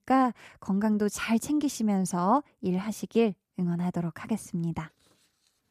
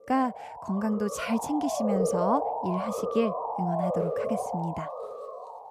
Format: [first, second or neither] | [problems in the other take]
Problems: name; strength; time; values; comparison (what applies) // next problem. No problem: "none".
first | siren; loud; peak 3 dB above the speech